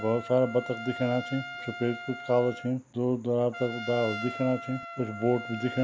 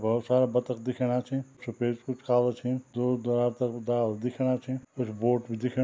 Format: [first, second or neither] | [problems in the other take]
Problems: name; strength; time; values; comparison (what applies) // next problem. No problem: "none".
second | background sound (Trumpet); 11 dB below the speech